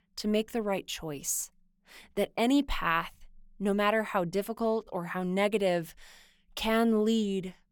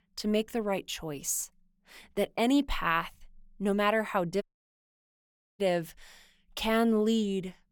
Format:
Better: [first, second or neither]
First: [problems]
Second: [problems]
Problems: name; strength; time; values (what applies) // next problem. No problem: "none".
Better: first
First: none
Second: audio cutting out; at 4.5 s for 1 s